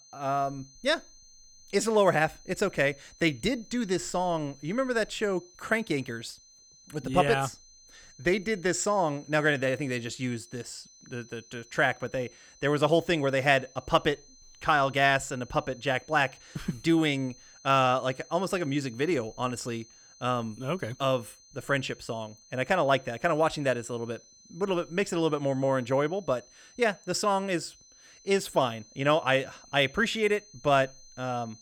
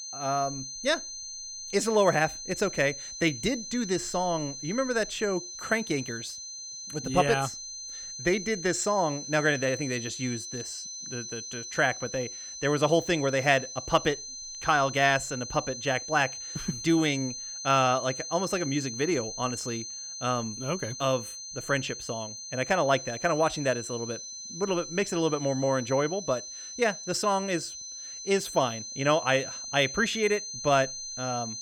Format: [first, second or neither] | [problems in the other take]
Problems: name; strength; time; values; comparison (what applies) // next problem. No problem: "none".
first | high-pitched whine; loud; throughout; 6 kHz, 8 dB below the speech; faint in the first